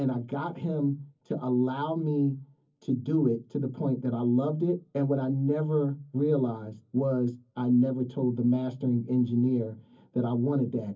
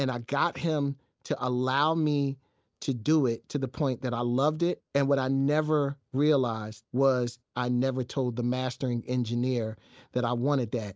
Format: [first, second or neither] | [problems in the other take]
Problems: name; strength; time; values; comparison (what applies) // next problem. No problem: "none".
second | room echo; dies away in 0.3 s